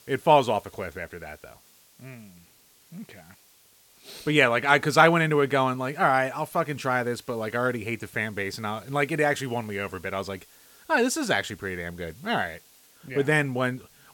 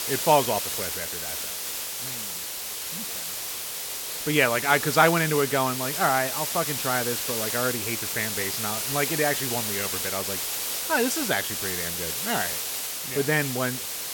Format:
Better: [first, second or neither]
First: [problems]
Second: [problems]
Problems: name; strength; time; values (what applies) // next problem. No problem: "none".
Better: first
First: hiss; faint; throughout; 30 dB below the speech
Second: hiss; loud; throughout; 2 dB below the speech